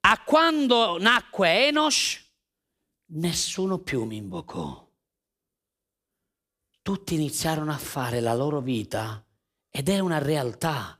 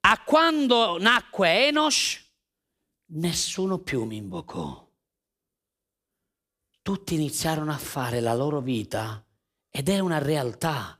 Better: neither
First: none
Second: none

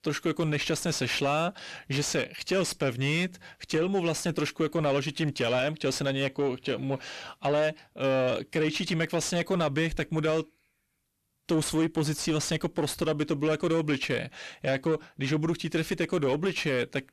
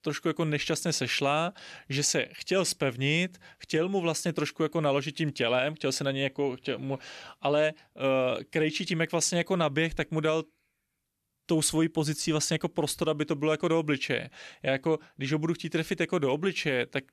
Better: second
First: distortion; slight; 10 dB below the speech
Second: none

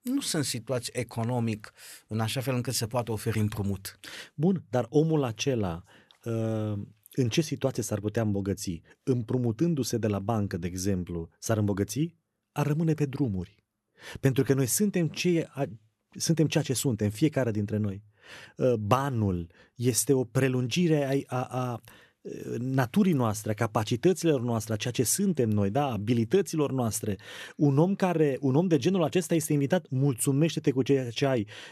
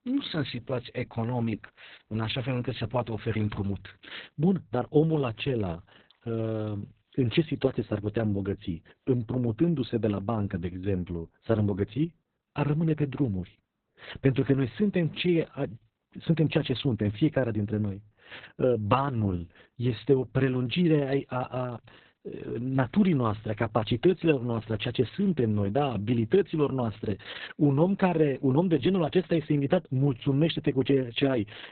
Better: first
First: none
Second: garbled, watery; badly; nothing above 4 kHz

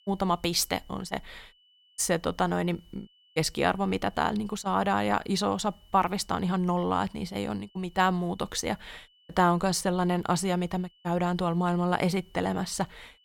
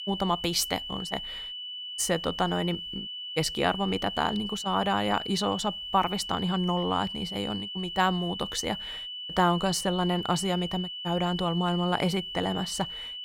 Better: first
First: high-pitched whine; faint; throughout; 3 kHz, 30 dB below the speech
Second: high-pitched whine; loud; throughout; 3 kHz, 6 dB below the speech

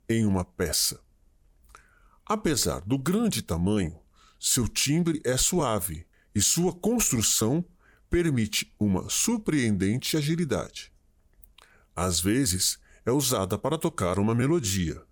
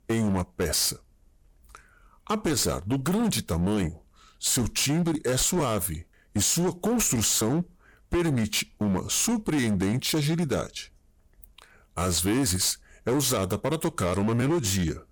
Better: first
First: none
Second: distortion; slight; 15% of the sound clipped

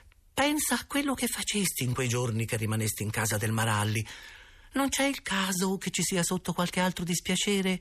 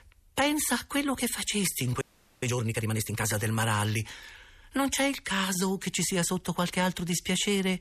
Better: first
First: none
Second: audio freezing; at 2 s

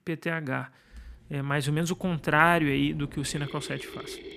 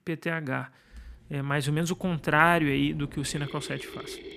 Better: neither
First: machinery noise; noticeable; from 1 s on; 20 dB below the speech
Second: machinery noise; noticeable; from 1 s on; 20 dB below the speech

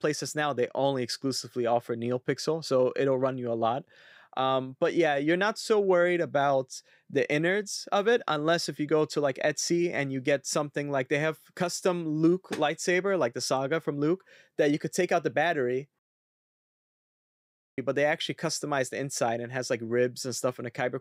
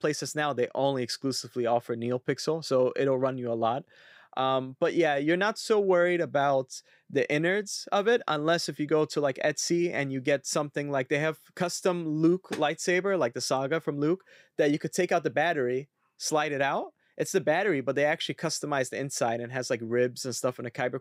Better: second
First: audio cutting out; at 16 s for 2 s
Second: none

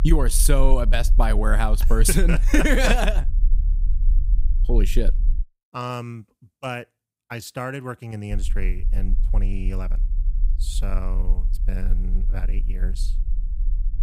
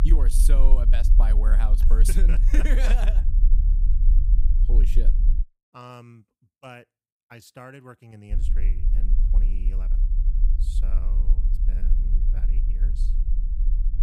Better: first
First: low rumble; faint; until 5.5 s and from 8.5 s on; 20 dB below the speech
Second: low rumble; loud; until 5.5 s and from 8.5 s on; 9 dB below the speech

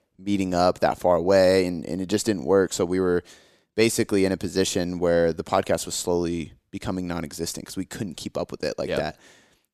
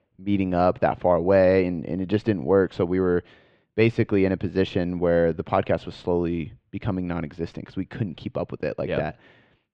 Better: first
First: none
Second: muffled; very; fading above 3 kHz

